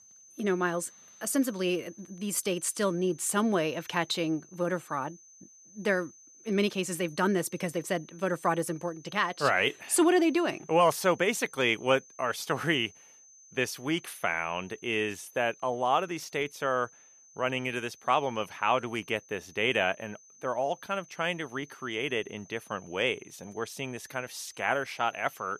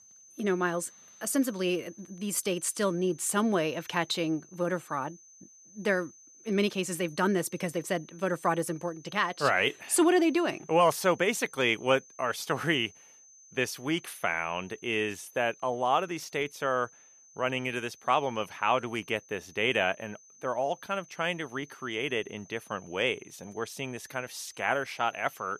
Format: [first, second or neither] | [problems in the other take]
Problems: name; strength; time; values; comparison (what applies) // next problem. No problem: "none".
neither | high-pitched whine; faint; throughout; 6 kHz, 25 dB below the speech; the same in both